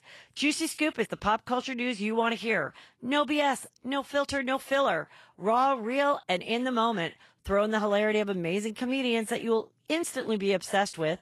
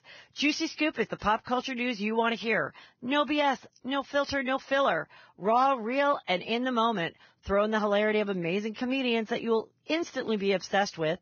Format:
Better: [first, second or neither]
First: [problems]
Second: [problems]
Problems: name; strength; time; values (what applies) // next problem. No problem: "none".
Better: first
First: garbled, watery; slightly; nothing above 12 kHz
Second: garbled, watery; badly; nothing above 6 kHz